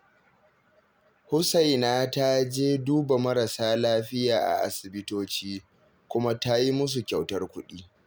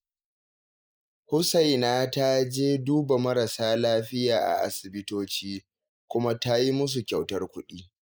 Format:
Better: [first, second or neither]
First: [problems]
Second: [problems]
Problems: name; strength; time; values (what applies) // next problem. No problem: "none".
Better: first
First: none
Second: noise reduction (neural mask model Resemble Enhance denoiser)